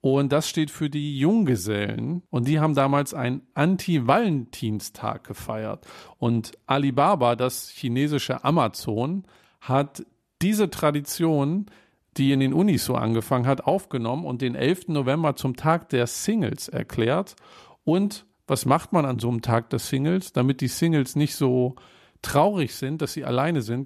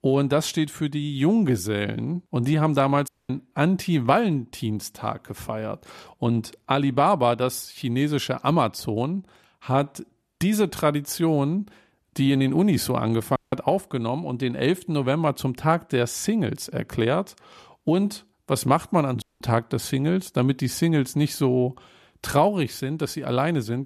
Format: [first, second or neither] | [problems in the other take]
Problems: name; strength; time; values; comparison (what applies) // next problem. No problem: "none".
first | audio cutting out; at 3 s, at 13 s and at 19 s